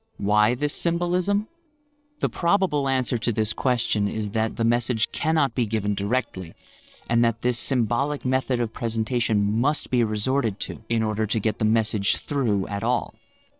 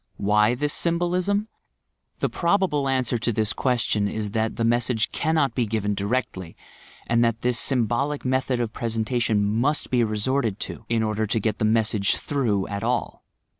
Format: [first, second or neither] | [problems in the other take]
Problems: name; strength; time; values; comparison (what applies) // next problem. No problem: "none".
second | noise reduction (neural separator model SepFormer DNS4)